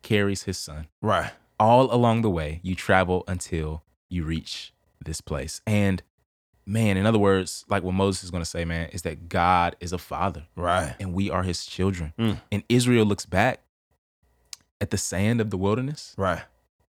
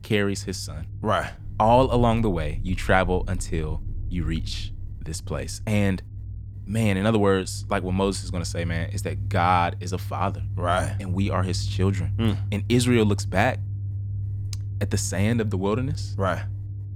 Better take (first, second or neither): first